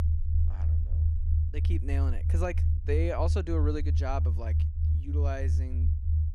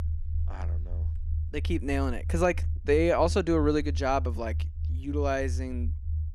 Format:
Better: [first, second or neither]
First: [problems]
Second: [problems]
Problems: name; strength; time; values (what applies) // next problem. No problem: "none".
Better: second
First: low rumble; loud; throughout; 9 dB below the speech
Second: low rumble; faint; throughout; 20 dB below the speech